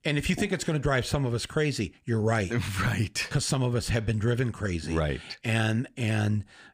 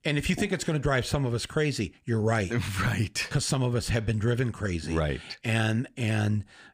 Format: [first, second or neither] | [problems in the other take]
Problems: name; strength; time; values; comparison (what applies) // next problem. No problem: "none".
neither | none